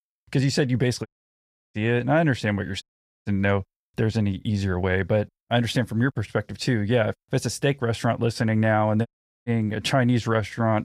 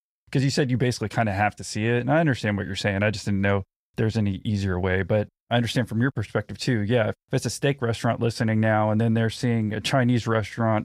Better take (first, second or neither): second